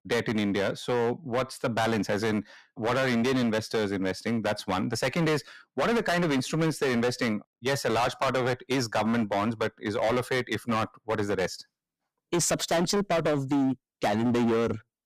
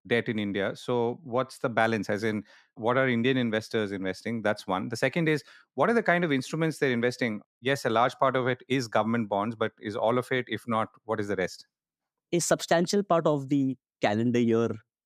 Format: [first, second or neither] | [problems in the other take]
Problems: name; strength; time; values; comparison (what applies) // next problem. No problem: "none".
second | distortion; heavy; 17% of the sound clipped